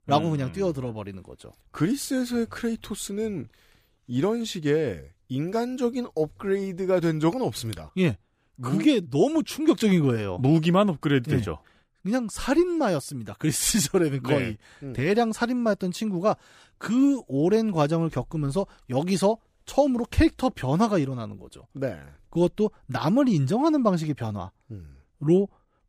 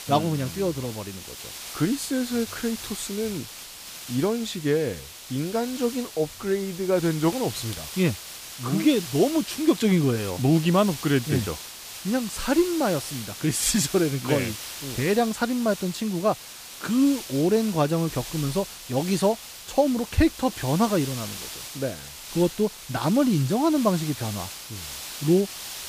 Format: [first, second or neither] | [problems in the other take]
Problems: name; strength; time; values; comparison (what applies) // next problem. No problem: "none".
first | hiss; noticeable; throughout; 10 dB below the speech